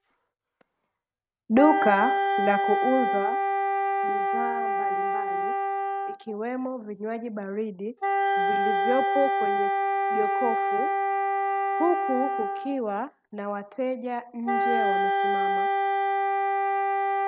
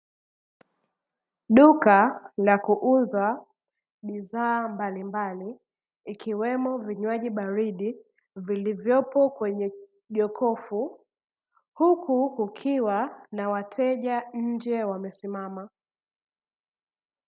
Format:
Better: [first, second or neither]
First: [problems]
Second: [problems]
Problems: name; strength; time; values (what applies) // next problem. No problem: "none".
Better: second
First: noise reduction (neural mask model RNNoise)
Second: none